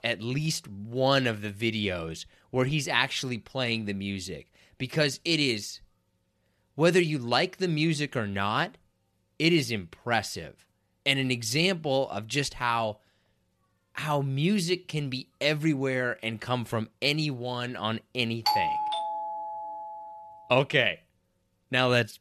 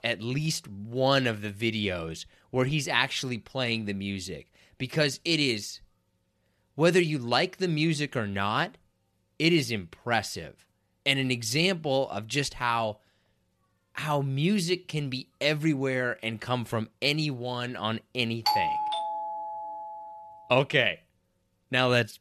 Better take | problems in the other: neither | doorbell; loud; from 18 to 20 s; peak 2 dB above the speech; the same in both

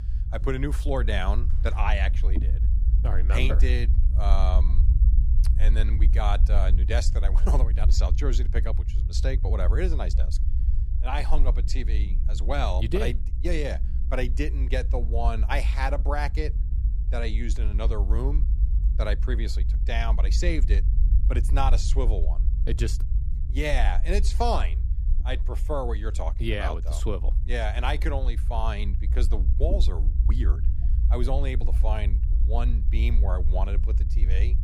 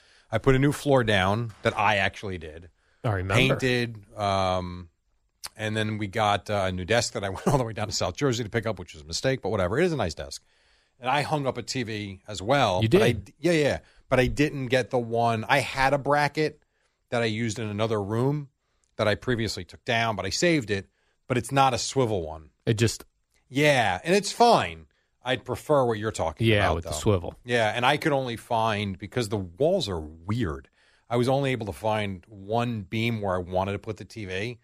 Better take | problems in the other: second | low rumble; noticeable; throughout; 15 dB below the speech

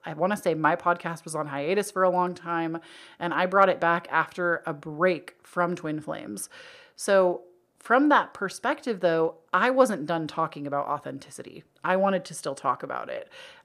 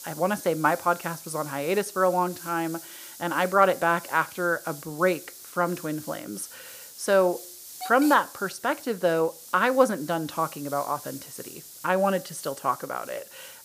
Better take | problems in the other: first | hiss; noticeable; throughout; 15 dB below the speech

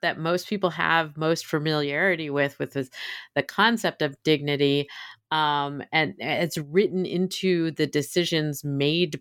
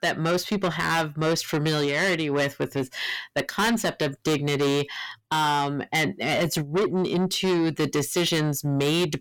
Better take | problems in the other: first | distortion; heavy; 6 dB below the speech

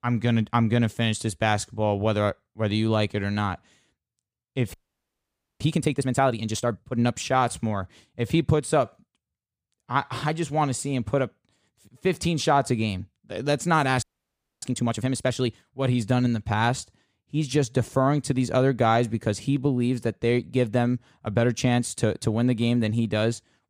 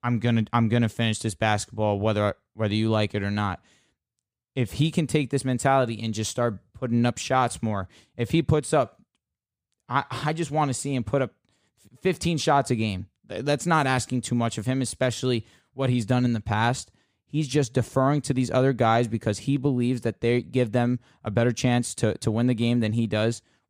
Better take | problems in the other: second | audio freezing; at 4.5 s for 1 s and at 14 s for 0.5 s

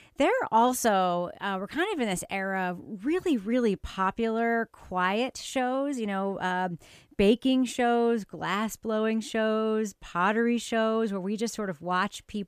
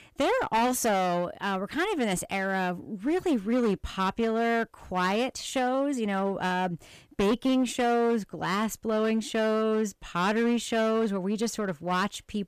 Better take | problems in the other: first | distortion; slight; 14% of the sound clipped

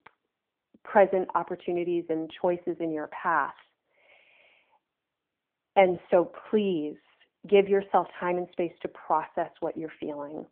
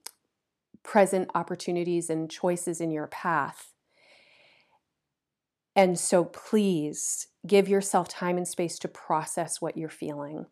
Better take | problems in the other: second | phone-call audio

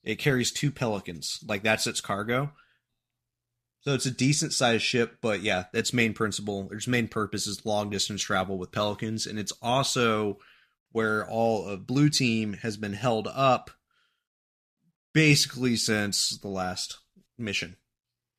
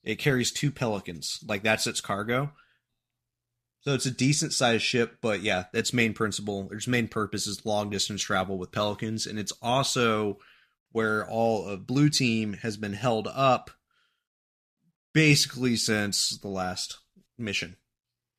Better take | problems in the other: neither | none

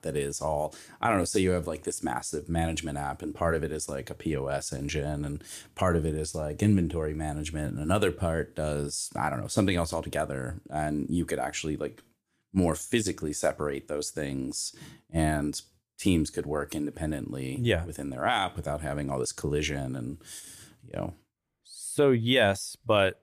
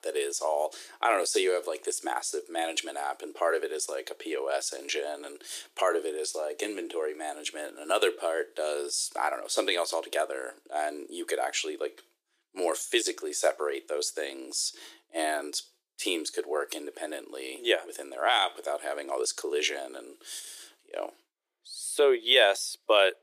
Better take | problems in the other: first | thin; very; fading below 350 Hz

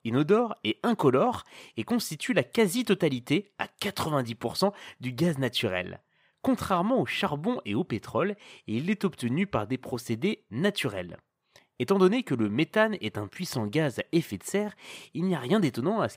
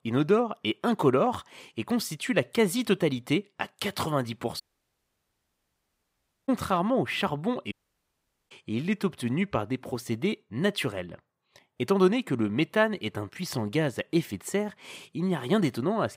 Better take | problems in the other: first | audio cutting out; at 4.5 s for 2 s and at 7.5 s for 1 s

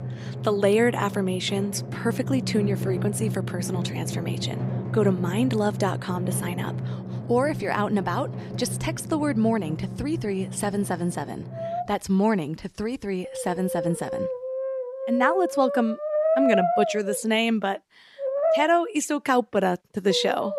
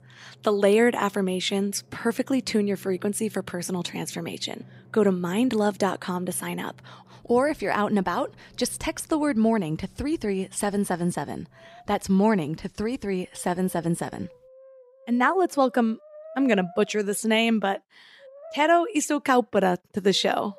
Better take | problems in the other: second | background music; loud; throughout; 4 dB below the speech; faint in the second

